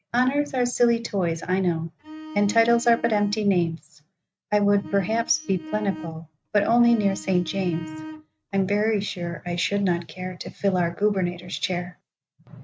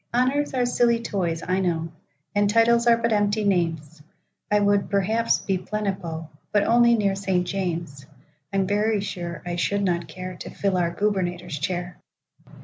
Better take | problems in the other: second | noise reduction (neural mask model RNNoise)

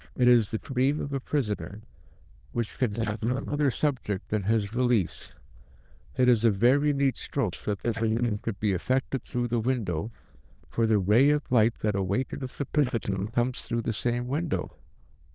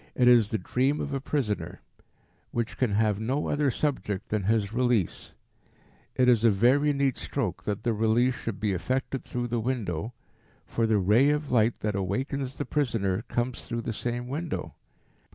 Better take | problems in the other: second | noise reduction (neural diffusion model UNIVERSE++)

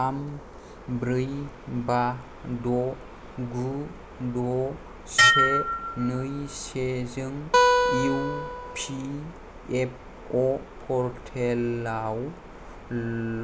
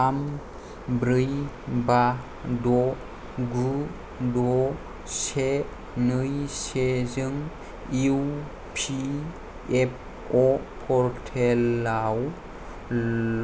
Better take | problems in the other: second | background sound (Dishes, pots, and pans + Acoustic guitar); 5 dB above the speech

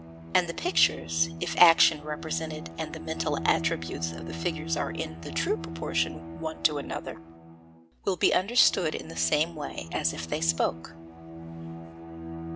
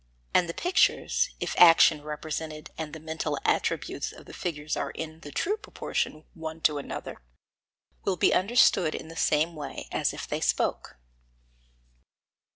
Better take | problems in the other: second | background sound (Bowed string instrument); 9 dB below the speech

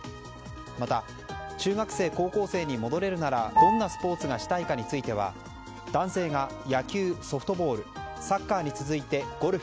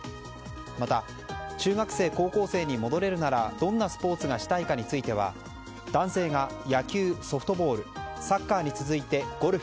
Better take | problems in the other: second | background sound (Piano); 6 dB below the speech

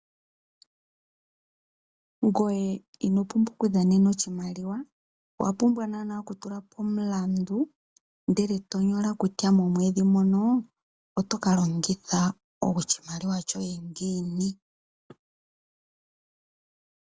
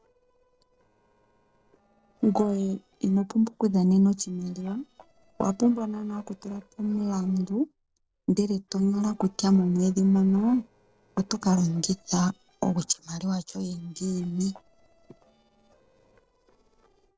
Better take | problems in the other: first | noise reduction (neural separator model SepFormer DNS4)

